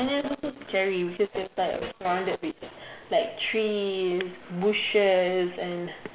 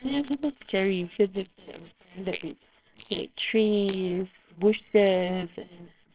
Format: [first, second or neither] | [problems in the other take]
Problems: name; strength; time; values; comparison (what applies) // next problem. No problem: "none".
first | noise reduction (neural separator model SepFormer WHAMR!)